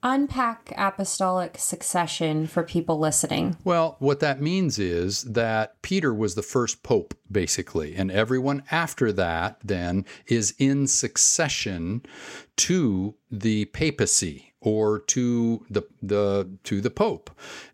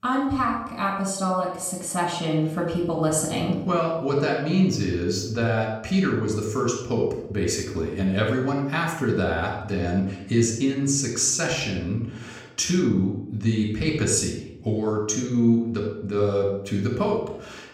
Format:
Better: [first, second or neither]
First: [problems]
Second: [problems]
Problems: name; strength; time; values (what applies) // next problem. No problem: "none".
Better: first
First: none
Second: off-mic speech; somewhat distant // room echo; noticeable; dies away in 0.7 s